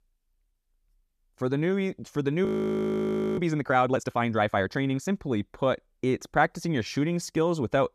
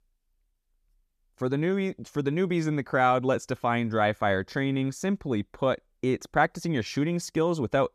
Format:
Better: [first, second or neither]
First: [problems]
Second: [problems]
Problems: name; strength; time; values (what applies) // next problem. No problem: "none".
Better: second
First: audio freezing; at 2.5 s for 1 s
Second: none